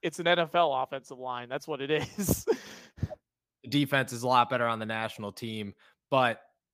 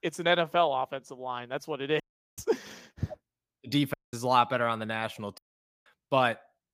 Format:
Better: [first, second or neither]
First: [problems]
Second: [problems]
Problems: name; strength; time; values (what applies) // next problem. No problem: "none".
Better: first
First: none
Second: audio cutting out; at 2 s, at 4 s and at 5.5 s